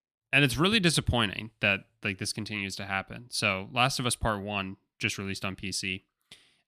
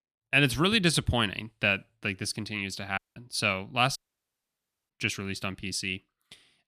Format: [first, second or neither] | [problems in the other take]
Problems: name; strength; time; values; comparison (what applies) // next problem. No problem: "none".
first | audio cutting out; at 3 s and at 4 s for 1 s